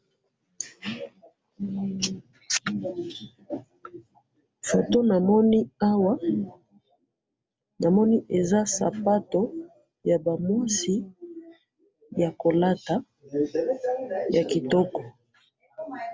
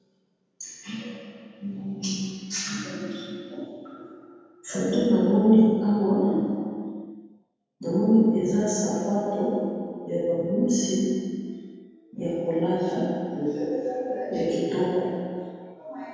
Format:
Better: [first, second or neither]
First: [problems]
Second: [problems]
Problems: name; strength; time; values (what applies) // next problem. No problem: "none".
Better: first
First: none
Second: room echo; dies away in 2.1 s